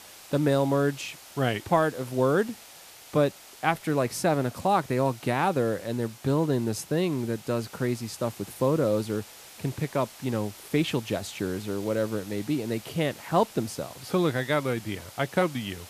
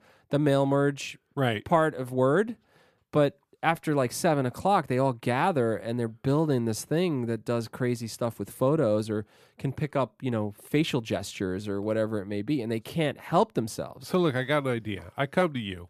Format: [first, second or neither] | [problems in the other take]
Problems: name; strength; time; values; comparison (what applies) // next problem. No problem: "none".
second | hiss; noticeable; throughout; 20 dB below the speech